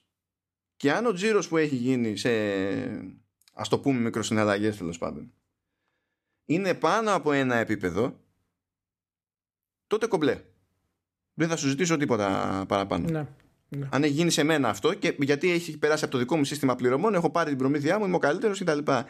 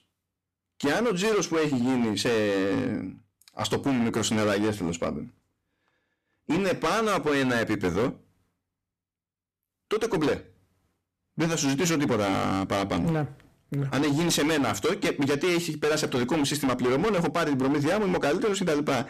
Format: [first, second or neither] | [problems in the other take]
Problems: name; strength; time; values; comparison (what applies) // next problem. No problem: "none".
first | distortion; heavy; 19% of the sound clipped